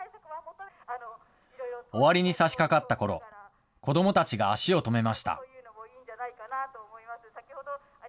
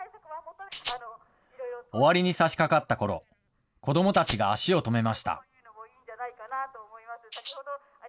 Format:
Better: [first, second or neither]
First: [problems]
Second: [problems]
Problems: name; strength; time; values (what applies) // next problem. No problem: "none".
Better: first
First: none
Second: noise reduction (neural mask model Resemble Enhance denoiser)